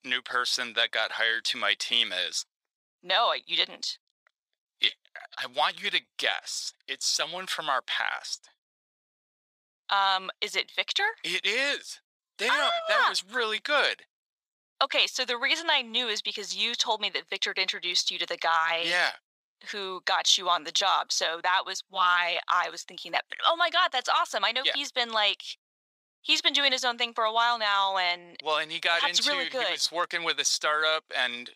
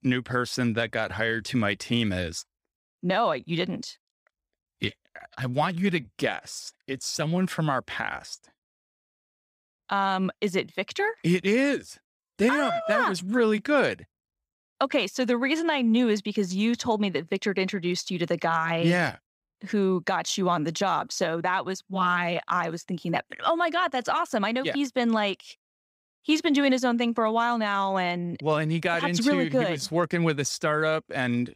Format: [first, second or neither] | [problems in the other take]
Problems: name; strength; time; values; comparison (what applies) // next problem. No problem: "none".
second | thin; very; fading below 850 Hz